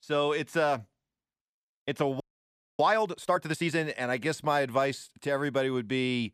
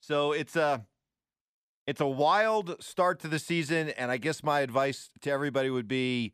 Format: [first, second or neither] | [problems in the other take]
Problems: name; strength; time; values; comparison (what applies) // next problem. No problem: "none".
second | audio freezing; at 2 s for 0.5 s